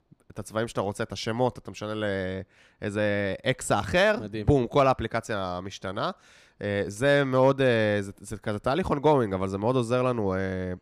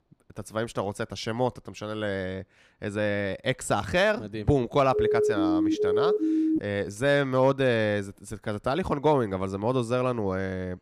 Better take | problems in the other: first | siren; loud; from 5 to 6.5 s; peak 3 dB above the speech

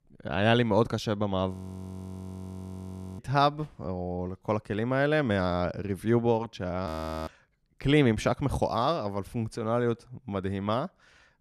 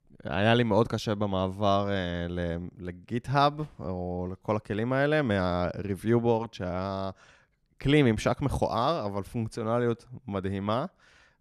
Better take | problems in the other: second | audio freezing; at 1.5 s for 1.5 s and at 7 s

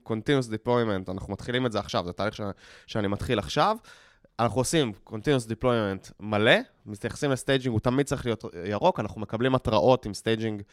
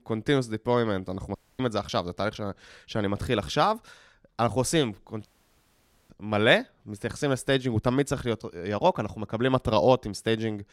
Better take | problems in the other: first | audio cutting out; at 1.5 s and at 5.5 s for 1 s

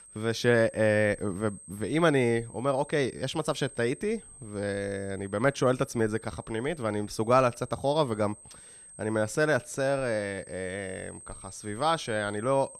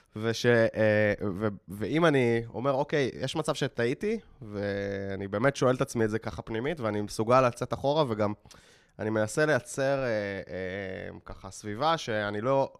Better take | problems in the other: second | high-pitched whine; noticeable; throughout; 8.5 kHz, 20 dB below the speech

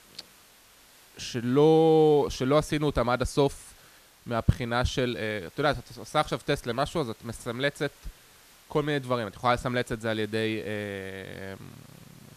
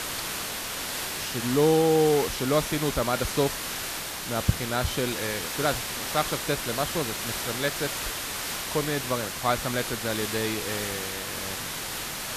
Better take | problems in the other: first | hiss; loud; throughout; 3 dB below the speech; faint in the first

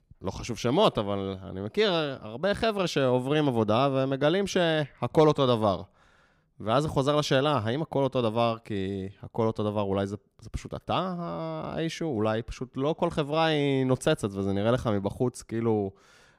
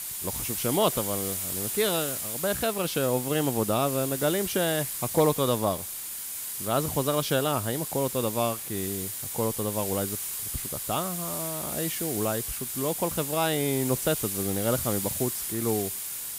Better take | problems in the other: first | hiss; loud; throughout; 2 dB below the speech

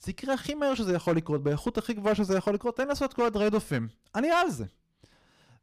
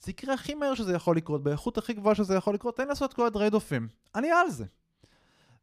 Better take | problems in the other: second | distortion; slight; 5% of the sound clipped

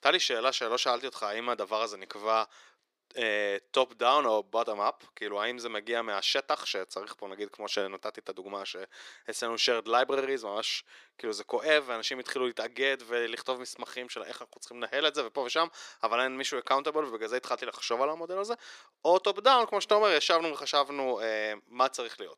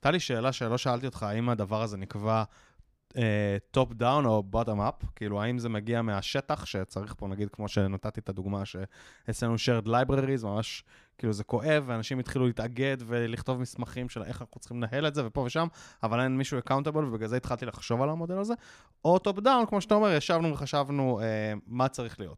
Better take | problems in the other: second | thin; very; fading below 400 Hz

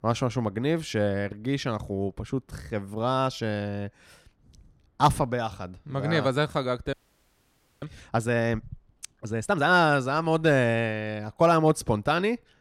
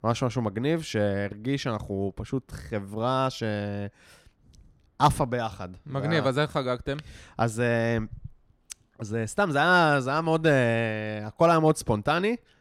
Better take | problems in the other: second | audio freezing; at 7 s for 1 s

